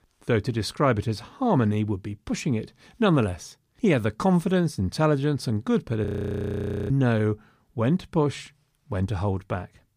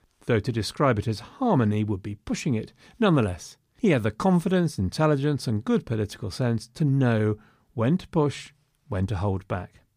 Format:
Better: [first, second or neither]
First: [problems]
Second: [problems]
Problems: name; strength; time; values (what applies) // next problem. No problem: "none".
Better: second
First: audio freezing; at 6 s for 1 s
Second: none